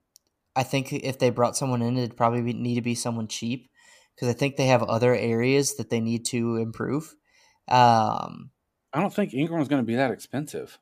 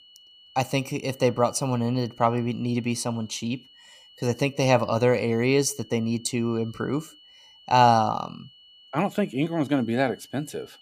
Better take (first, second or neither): first